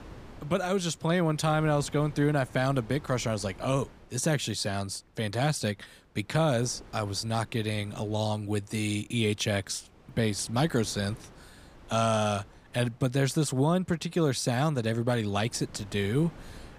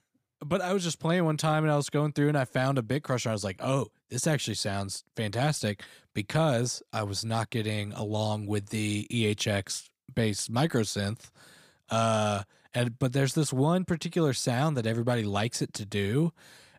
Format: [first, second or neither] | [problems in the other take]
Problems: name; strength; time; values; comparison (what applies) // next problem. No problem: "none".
second | wind noise on the microphone; occasional gusts; 25 dB below the speech